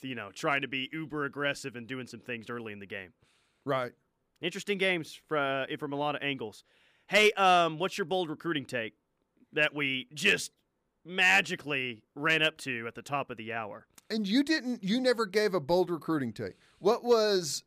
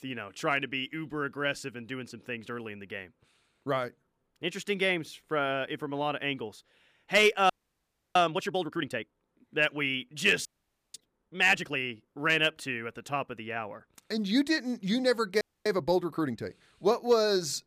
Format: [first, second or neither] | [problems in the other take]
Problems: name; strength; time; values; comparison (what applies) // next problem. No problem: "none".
first | audio freezing; at 7.5 s for 0.5 s, at 10 s and at 15 s